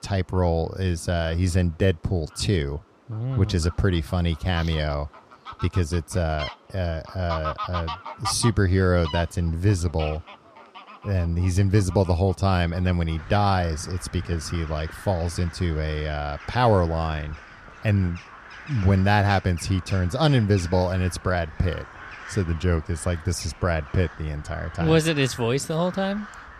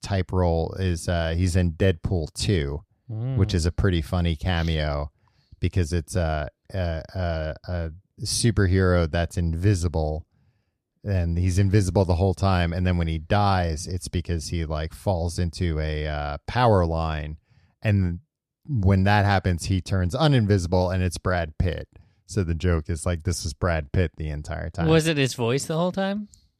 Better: second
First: animal sounds; noticeable; throughout; 15 dB below the speech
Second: none

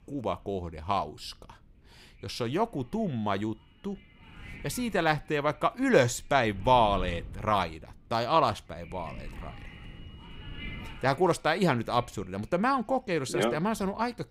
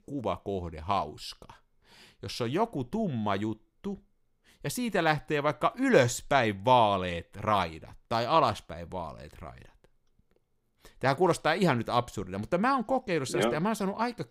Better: second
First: wind noise on the microphone; occasional gusts; 20 dB below the speech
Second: none

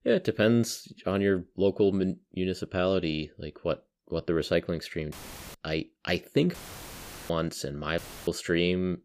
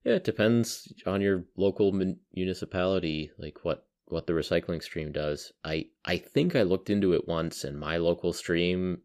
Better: second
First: audio cutting out; filled with static; at 5 s, at 6.5 s for 1 s and at 8 s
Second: none

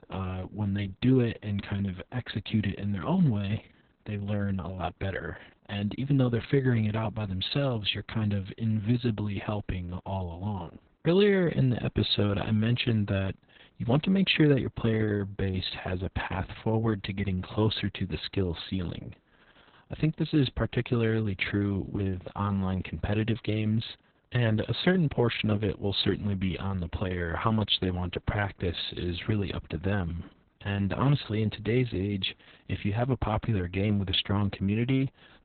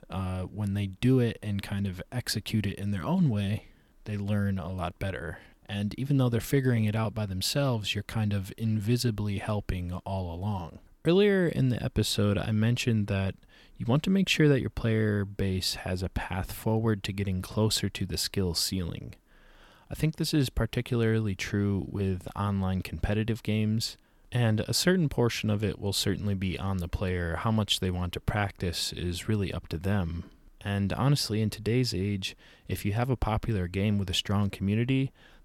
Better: second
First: garbled, watery; badly; nothing above 4 kHz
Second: none

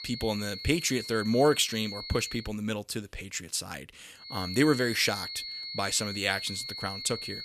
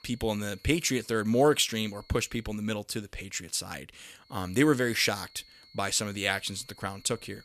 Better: second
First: high-pitched whine; loud; until 2.5 s and from 4.5 s on; 4.5 kHz, 8 dB below the speech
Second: high-pitched whine; faint; until 2.5 s and from 4.5 s on; 4.5 kHz, 25 dB below the speech

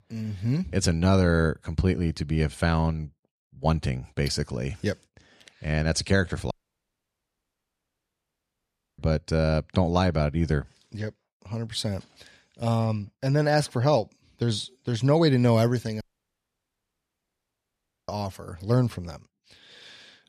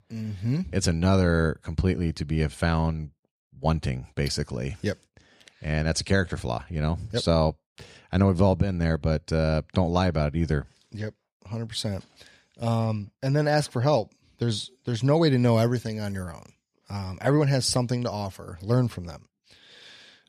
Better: second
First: audio cutting out; at 6.5 s for 2.5 s and at 16 s for 2 s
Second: none

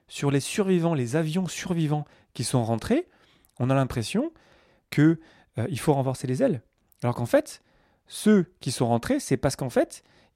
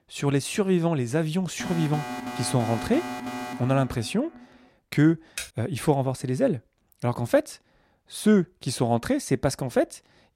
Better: first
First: none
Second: alarm; noticeable; from 1.5 to 4.5 s; peak 7 dB below the speech // keyboard typing; faint; at 5.5 s; peak 10 dB below the speech

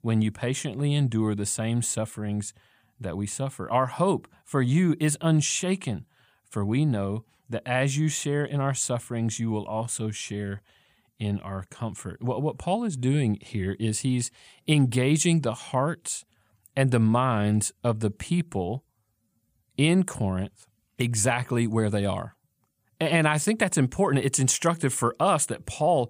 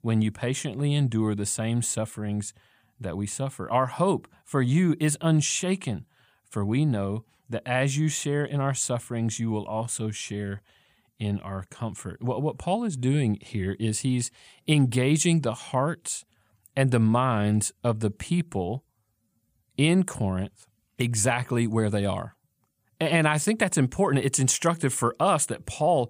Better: neither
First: none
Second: none

